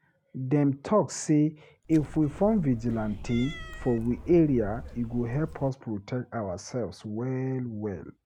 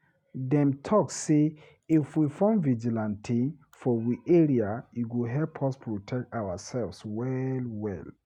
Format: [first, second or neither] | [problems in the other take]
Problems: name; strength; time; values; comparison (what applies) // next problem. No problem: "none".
second | background sound (Cat); 13 dB below the speech